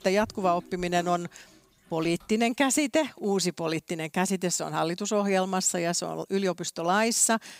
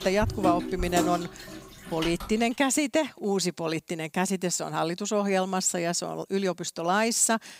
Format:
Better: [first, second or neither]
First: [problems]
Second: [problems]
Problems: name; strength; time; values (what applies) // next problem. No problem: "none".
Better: first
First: household noises; faint; until 2 s; 20 dB below the speech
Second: household noises; loud; until 2 s; 6 dB below the speech